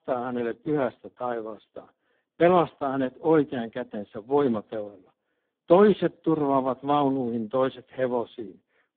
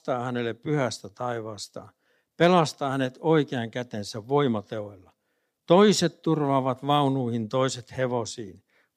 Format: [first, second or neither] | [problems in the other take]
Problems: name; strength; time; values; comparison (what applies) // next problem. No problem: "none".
second | phone-call audio; poor line; nothing above 3.5 kHz